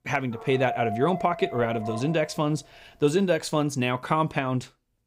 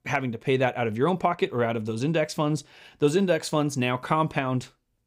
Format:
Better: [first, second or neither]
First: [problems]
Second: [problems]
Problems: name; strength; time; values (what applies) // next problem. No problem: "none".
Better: second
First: dog barking; noticeable; until 2.5 s; peak 6 dB below the speech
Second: none